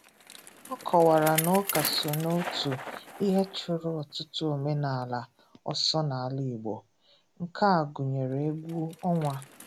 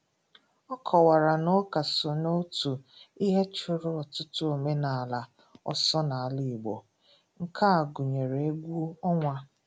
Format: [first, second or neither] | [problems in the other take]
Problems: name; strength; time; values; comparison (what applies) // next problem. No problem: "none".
second | background sound (Bicycle); 12 dB below the speech